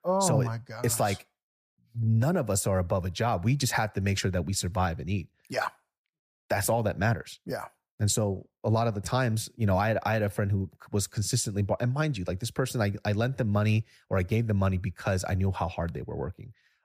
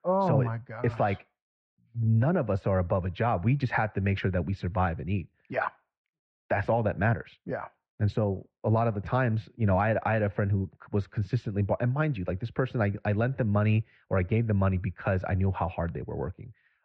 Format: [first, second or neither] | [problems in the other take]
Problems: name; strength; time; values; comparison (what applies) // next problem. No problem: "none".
first | muffled; very; fading above 2.5 kHz